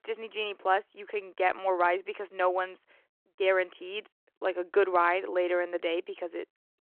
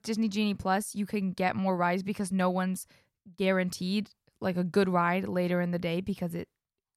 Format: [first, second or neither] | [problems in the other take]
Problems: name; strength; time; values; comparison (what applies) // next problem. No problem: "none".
second | phone-call audio